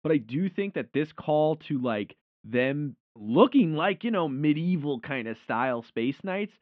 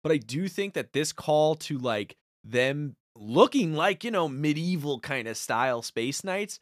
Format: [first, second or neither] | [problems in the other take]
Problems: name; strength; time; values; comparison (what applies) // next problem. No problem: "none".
second | muffled; very; fading above 3 kHz